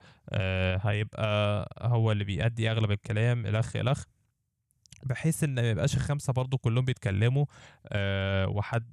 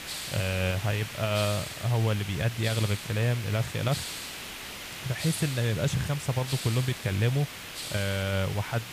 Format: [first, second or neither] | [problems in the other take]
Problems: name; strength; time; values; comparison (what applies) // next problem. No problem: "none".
first | hiss; loud; throughout; 7 dB below the speech